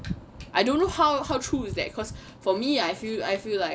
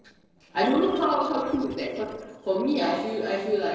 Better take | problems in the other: first | noise reduction (neural separator model SepFormer DNS4)

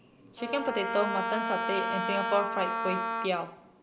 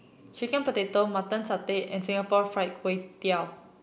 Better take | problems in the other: second | background sound (Wind instrument, woodwind instrument); 1 dB below the speech

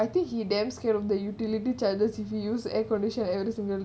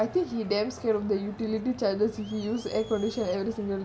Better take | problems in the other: first | background sound (Crowd); 20 dB below the speech

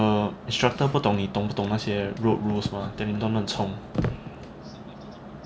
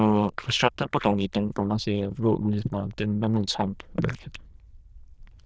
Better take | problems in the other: first | noise reduction (neural diffusion model UNIVERSE++)

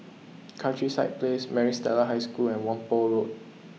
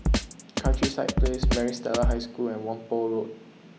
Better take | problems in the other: first | background sound (Drum kit); 3 dB above the speech

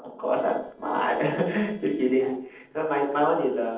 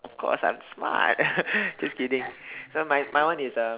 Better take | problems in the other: second | noise reduction (neural separator model SepFormer DNS4)

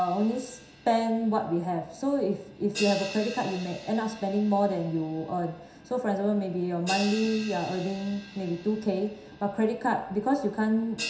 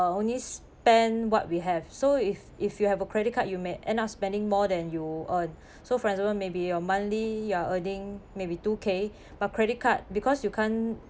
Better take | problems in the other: second | background sound (Crash cymbal); 15 dB below the speech // room echo; dies away in 0.7 s

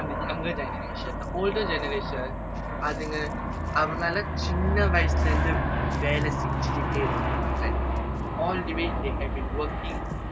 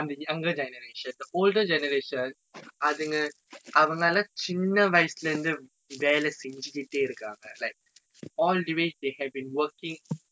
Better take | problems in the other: second | background sound (Aircraft); 4 dB above the speech

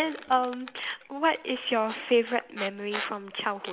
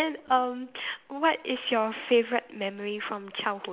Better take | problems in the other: second | background sound (Squeak); 15 dB below the speech

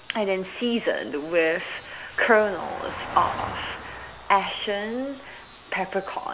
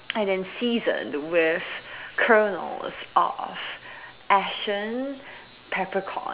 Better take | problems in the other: second | background sound (Vehicle); 14 dB below the speech

